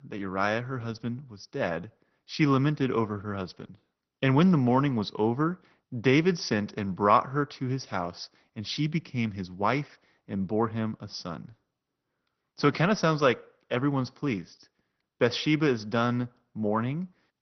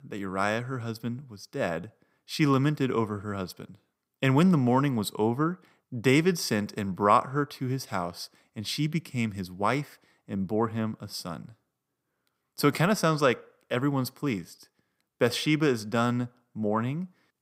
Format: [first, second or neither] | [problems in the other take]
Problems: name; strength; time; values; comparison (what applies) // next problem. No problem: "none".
second | garbled, watery; slightly; nothing above 6 kHz